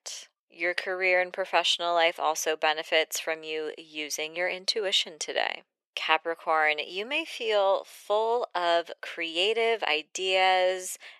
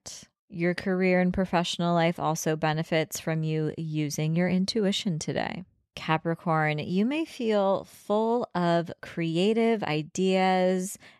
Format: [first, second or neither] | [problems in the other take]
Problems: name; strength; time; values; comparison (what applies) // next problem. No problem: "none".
second | thin; very; fading below 450 Hz